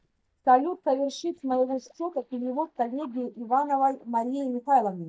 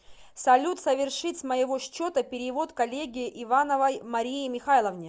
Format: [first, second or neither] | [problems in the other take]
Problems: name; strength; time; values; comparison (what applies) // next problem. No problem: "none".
second | noise reduction (neural mask model DeepFilterNet 3)